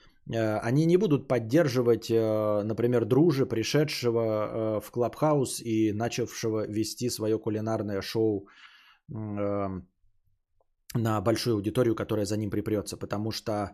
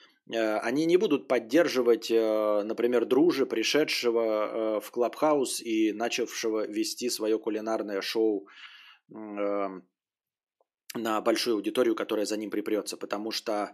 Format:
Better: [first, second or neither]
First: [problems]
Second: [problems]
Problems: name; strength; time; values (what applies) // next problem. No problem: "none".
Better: first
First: none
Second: thin; very slightly; fading below 250 Hz